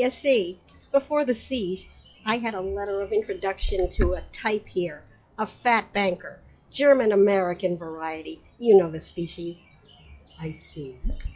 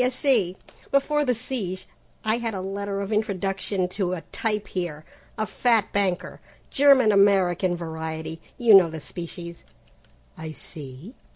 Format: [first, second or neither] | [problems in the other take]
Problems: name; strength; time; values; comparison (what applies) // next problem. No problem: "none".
second | noise reduction (classical method log-MMSE)